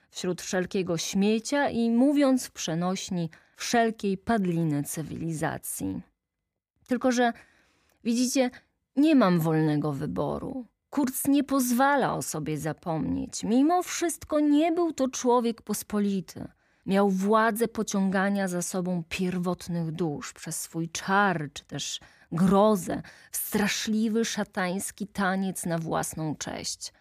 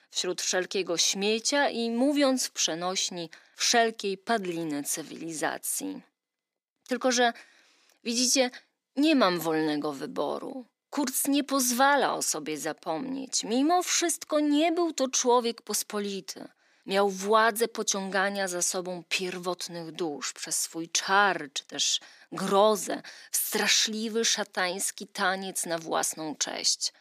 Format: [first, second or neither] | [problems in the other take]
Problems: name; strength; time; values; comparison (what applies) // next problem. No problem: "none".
first | thin; very slightly; fading below 300 Hz